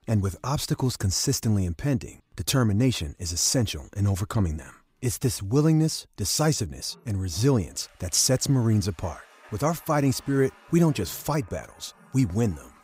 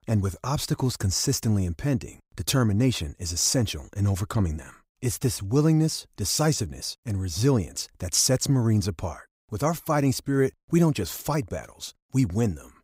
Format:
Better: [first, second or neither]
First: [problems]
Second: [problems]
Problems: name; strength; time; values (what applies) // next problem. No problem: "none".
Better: second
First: household noises; faint; throughout; 25 dB below the speech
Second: none